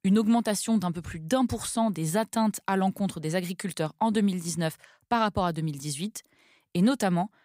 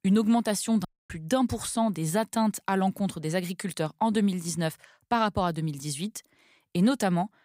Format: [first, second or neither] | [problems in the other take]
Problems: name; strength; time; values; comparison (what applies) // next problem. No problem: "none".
first | audio cutting out; at 1 s